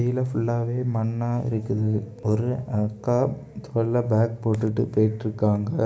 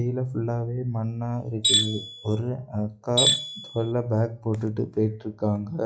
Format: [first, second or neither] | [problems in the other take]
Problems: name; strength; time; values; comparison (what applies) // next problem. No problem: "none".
first | noise reduction (classical method log-MMSE)